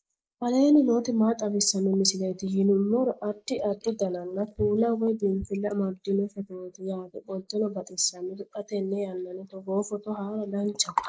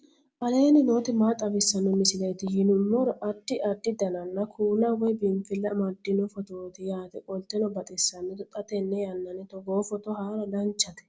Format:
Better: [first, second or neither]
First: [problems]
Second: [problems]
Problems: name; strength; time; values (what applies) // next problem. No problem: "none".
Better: second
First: noise reduction (neural mask model Resemble Enhance denoiser)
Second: none